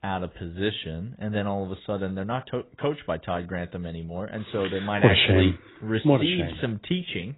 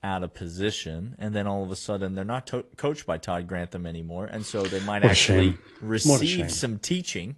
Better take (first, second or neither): second